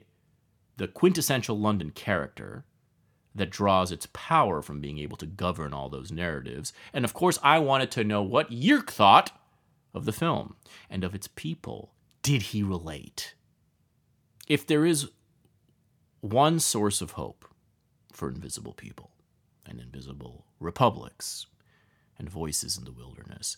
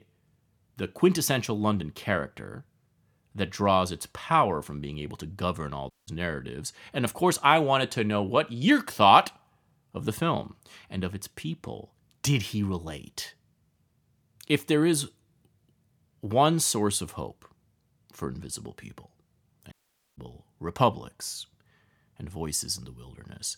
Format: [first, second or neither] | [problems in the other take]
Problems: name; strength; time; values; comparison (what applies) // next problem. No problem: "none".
first | audio cutting out; at 6 s and at 20 s